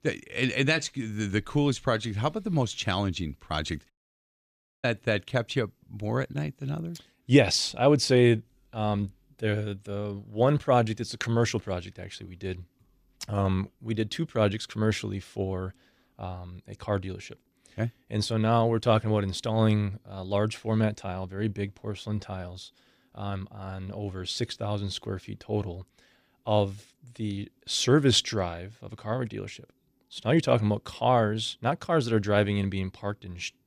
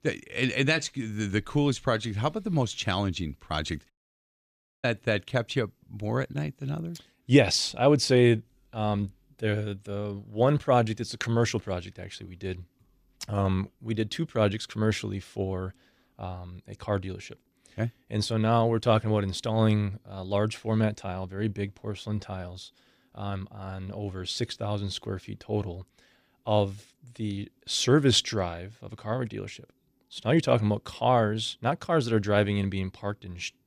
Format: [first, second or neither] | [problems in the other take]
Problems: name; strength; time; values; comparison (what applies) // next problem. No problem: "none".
neither | audio cutting out; at 4 s for 1 s; the same in both